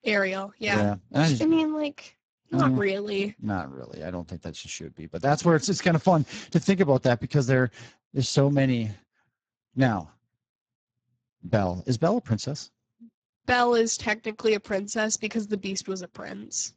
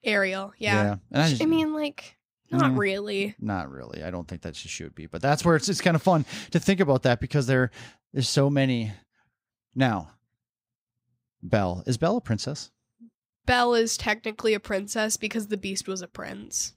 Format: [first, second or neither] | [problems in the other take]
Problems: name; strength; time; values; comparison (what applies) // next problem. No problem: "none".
second | garbled, watery; badly; nothing above 7.5 kHz